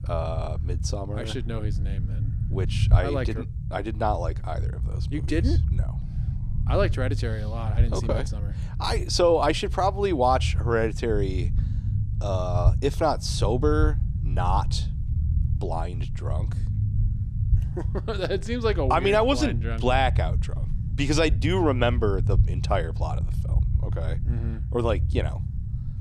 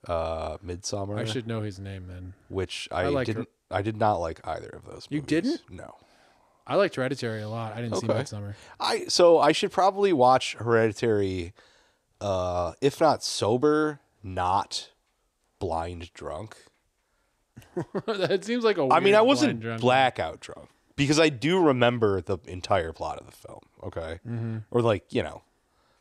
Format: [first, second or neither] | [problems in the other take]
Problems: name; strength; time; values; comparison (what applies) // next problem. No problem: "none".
second | low rumble; noticeable; throughout; 15 dB below the speech